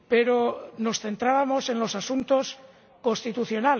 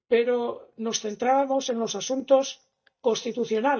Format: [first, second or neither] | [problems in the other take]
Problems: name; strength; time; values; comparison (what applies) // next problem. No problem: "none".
first | noise reduction (neural mask model DeepFilterNet 3)